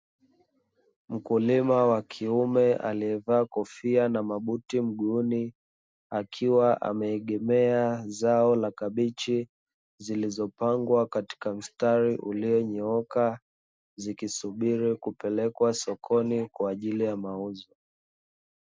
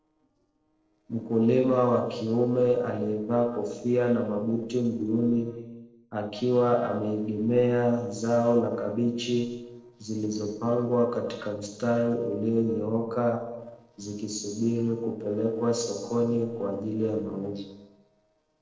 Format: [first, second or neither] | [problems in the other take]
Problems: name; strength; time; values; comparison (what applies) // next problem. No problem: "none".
first | noise reduction (neural separator model SepFormer DNS4)